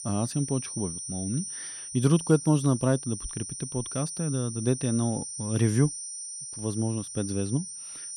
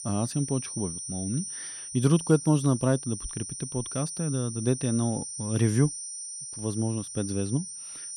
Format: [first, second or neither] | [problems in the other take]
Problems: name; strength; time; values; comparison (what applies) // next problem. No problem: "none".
neither | high-pitched whine; loud; throughout; 9 kHz, 7 dB below the speech; the same in both